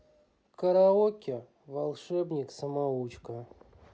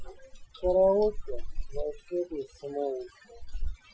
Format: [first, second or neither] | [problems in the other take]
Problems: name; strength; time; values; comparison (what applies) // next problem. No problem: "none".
first | noise reduction (classical method Wiener filter)